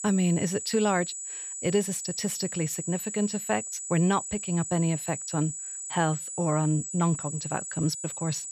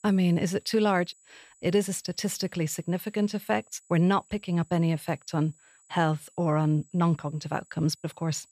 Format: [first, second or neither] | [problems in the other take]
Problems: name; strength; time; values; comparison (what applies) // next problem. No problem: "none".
second | high-pitched whine; loud; throughout; 8 kHz, 5 dB below the speech; faint in the second